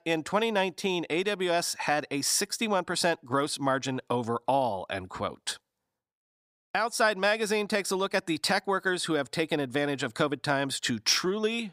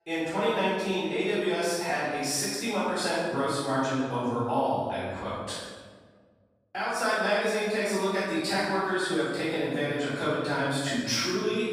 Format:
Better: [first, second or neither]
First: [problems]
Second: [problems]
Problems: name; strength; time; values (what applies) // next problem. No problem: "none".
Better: first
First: none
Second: room echo; strong; dies away in 1.4 s // off-mic speech; far